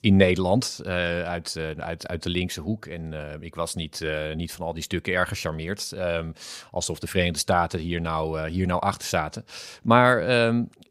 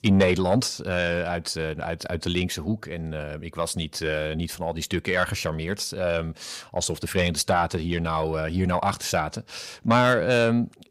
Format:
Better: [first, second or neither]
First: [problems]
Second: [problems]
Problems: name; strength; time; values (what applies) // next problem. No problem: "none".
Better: first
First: none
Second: distortion; slight; 10 dB below the speech